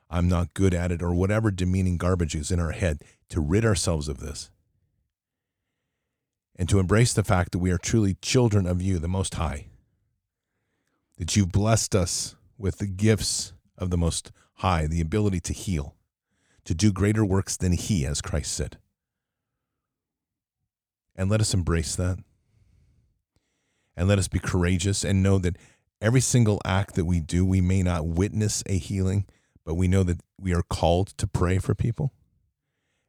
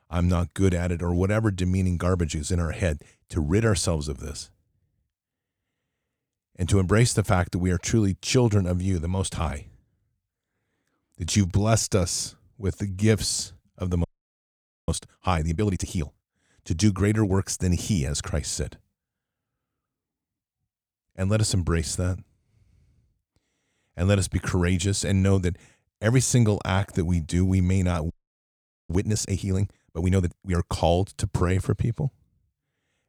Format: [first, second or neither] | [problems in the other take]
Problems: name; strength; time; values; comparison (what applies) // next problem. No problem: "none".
first | audio freezing; at 14 s for 1 s and at 28 s for 1 s